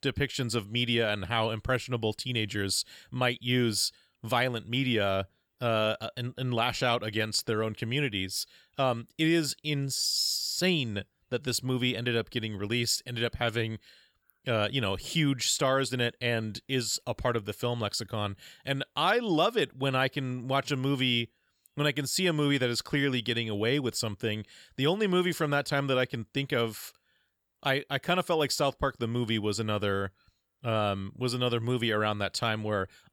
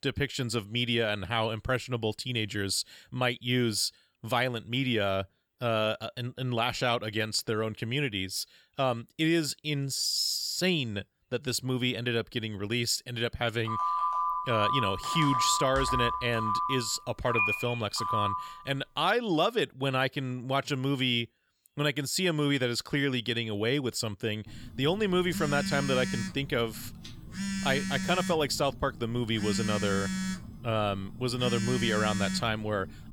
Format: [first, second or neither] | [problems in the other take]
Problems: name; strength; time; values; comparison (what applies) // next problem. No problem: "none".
first | phone ringing; loud; from 14 to 19 s; peak 3 dB above the speech // phone ringing; noticeable; from 24 s on; peak 2 dB below the speech